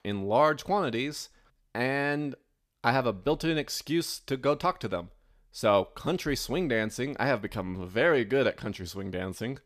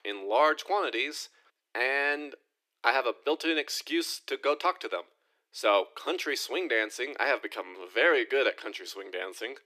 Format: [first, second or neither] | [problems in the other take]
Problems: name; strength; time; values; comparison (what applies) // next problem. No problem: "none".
first | thin; very; fading below 300 Hz